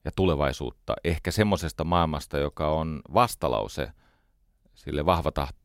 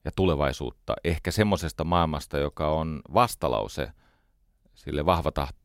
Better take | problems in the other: neither | none

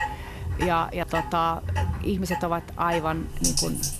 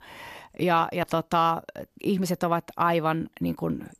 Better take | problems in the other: second | household noises; loud; throughout; 3 dB below the speech

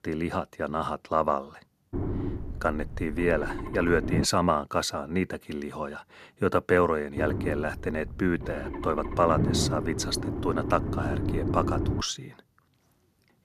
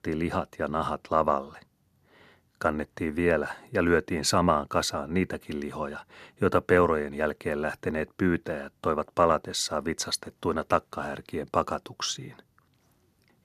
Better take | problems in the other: second | low rumble; loud; from 2 to 4.5 s and from 7 to 12 s; 9 dB below the speech

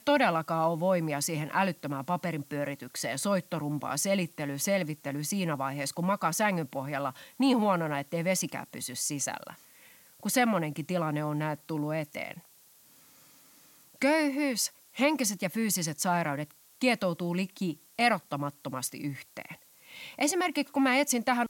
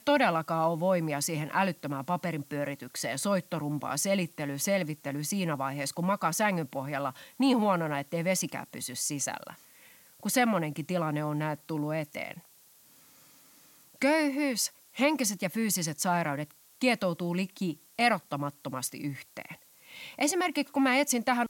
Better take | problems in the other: neither | hiss; faint; throughout; 25 dB below the speech; the same in both

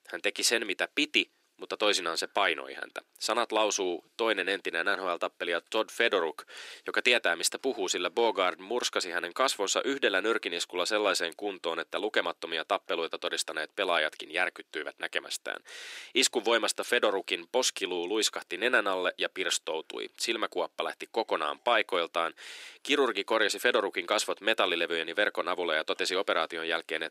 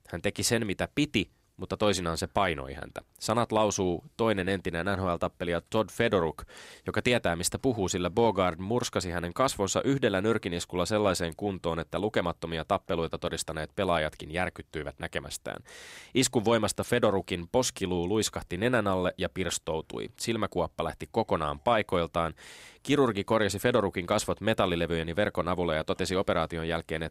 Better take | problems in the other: second | thin; somewhat; fading below 350 Hz

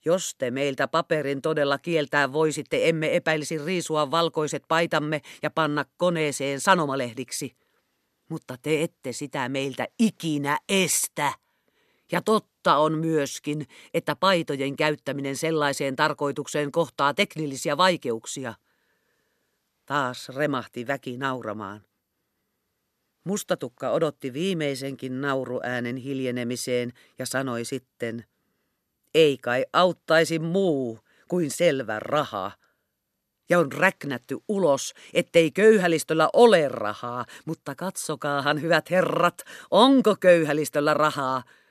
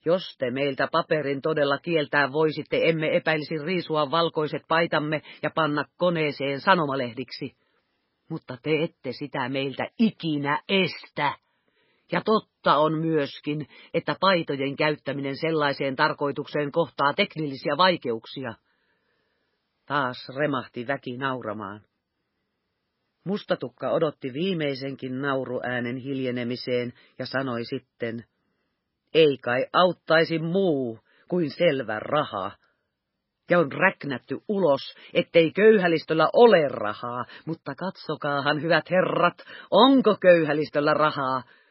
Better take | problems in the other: first | garbled, watery; badly; nothing above 5.5 kHz

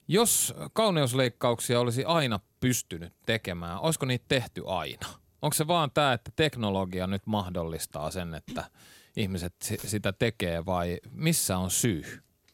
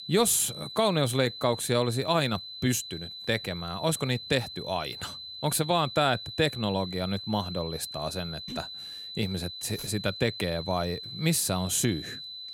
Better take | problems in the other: first | high-pitched whine; loud; throughout; 4 kHz, 10 dB below the speech

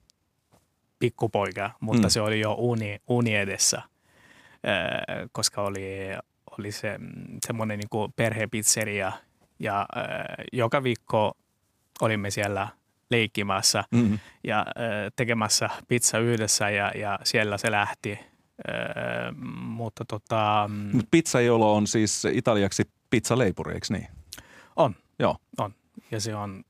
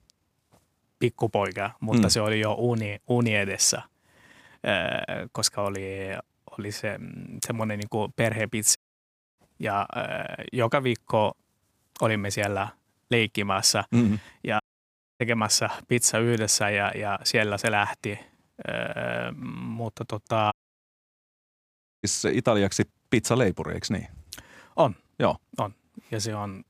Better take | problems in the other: first | audio cutting out; at 9 s for 0.5 s, at 15 s for 0.5 s and at 21 s for 1.5 s

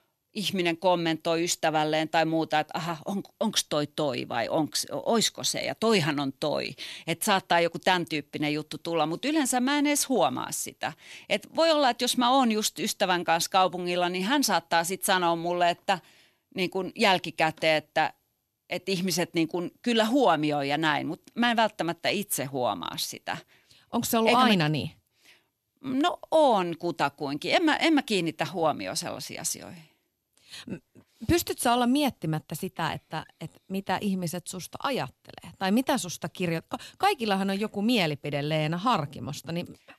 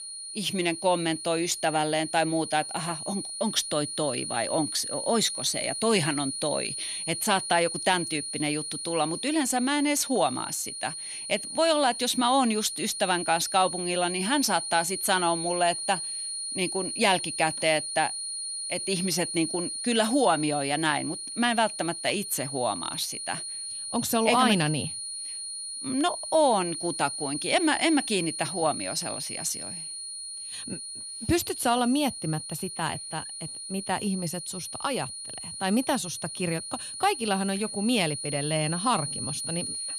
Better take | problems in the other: first | high-pitched whine; loud; throughout; 9.5 kHz, 5 dB below the speech

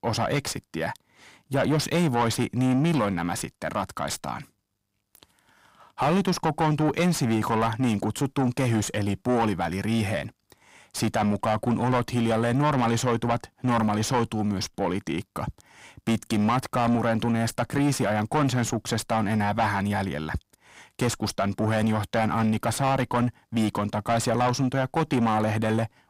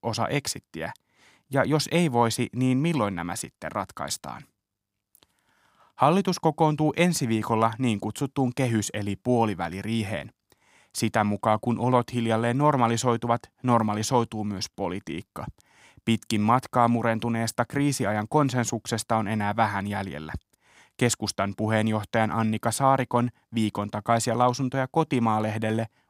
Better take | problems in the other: second | distortion; heavy; 7 dB below the speech

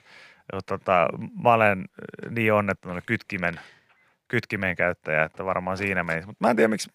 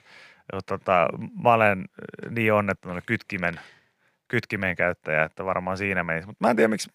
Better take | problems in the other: second | household noises; faint; throughout; 25 dB below the speech

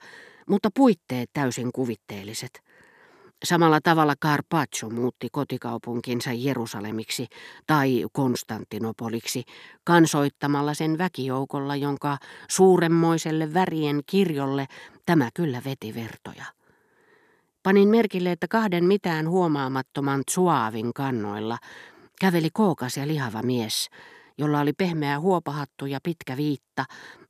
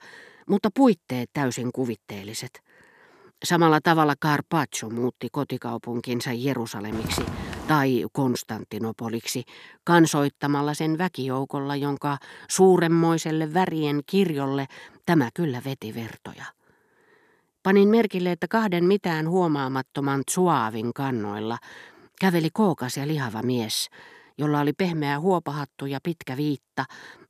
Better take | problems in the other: first | footsteps; noticeable; at 7 s; peak 6 dB below the speech

